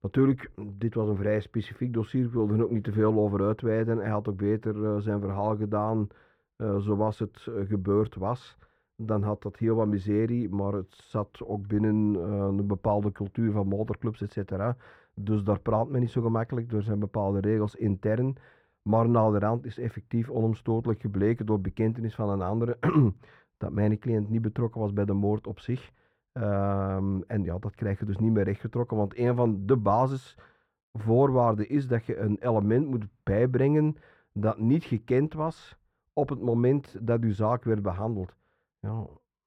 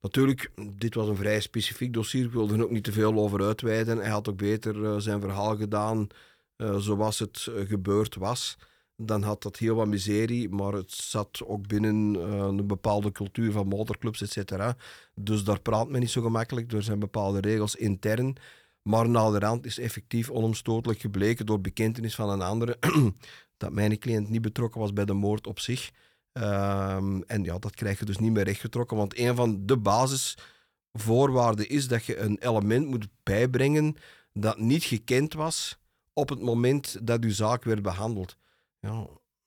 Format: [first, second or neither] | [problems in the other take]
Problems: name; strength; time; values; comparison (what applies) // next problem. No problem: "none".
second | muffled; very; fading above 3 kHz